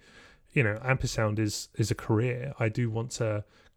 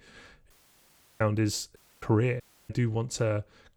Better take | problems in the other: first | audio cutting out; at 0.5 s for 0.5 s, at 2 s and at 2.5 s

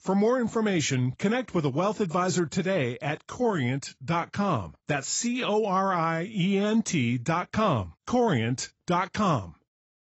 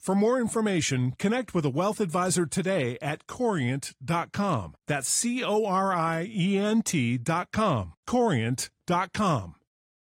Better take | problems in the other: second | garbled, watery; badly; nothing above 7.5 kHz; slightly in the second

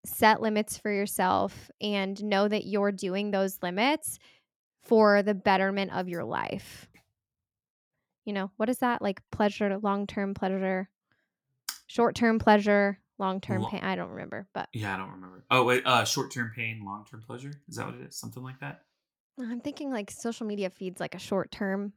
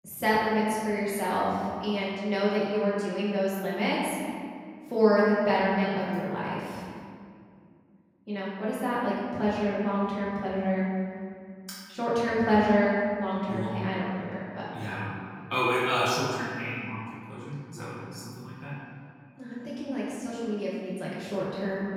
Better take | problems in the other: first | off-mic speech; far // room echo; strong; dies away in 2.1 s

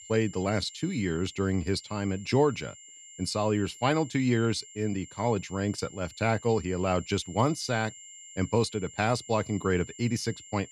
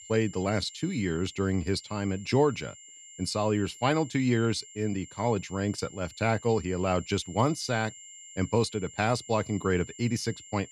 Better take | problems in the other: neither | high-pitched whine; noticeable; throughout; 7.5 kHz, 15 dB below the speech; the same in both

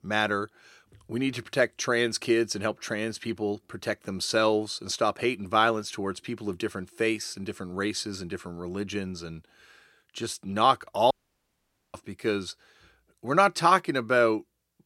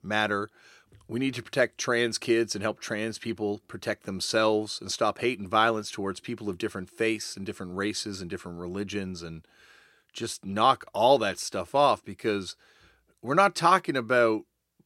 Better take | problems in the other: second | audio cutting out; at 11 s for 1 s

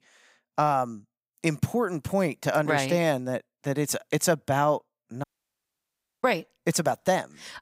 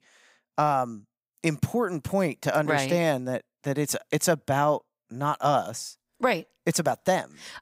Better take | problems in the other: second | audio cutting out; at 5 s for 1 s

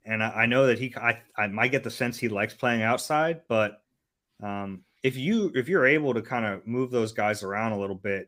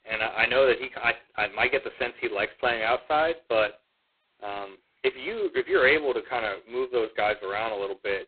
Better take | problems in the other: first | phone-call audio; poor line; nothing above 4 kHz

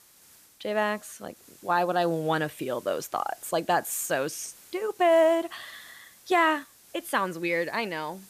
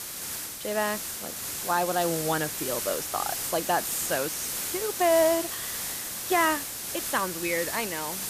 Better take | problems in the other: first | hiss; loud; throughout; 3 dB below the speech; faint in the first

